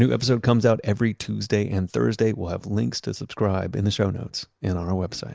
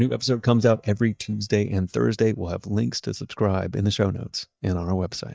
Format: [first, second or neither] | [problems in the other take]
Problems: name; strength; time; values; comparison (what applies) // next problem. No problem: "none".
first | noise reduction (neural mask model DeepFilterNet 3)